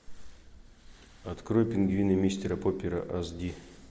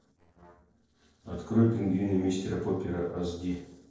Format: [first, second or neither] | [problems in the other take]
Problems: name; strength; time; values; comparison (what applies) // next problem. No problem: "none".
first | noise reduction (neural separator model SepFormer DNS4)